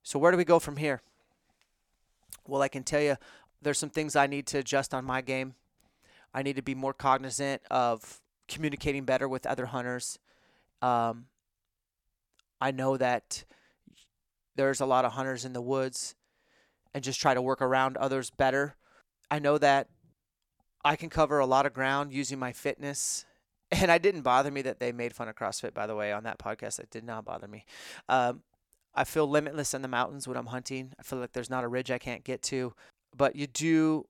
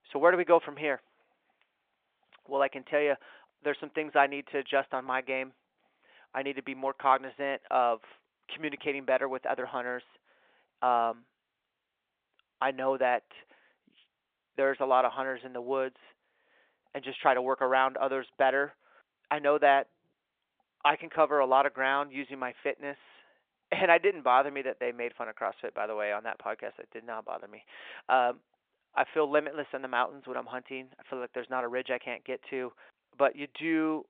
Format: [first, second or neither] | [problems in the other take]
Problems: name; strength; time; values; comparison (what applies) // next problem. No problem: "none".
first | phone-call audio